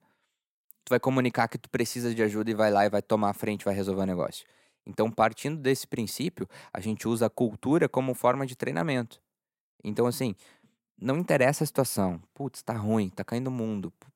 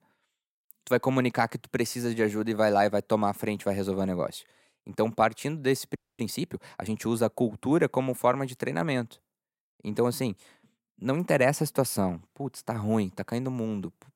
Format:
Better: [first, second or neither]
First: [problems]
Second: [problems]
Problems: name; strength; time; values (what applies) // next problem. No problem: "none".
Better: first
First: none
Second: audio freezing; at 6 s